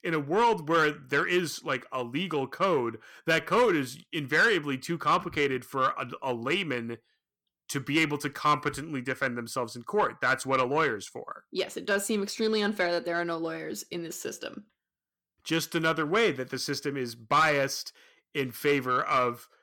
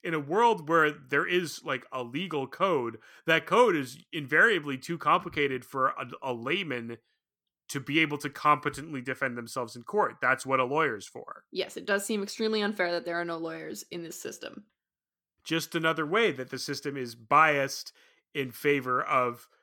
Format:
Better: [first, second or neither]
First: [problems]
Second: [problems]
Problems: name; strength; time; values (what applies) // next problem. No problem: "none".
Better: second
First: distortion; slight; 10 dB below the speech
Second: none